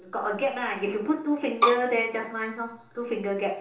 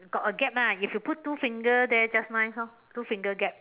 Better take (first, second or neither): second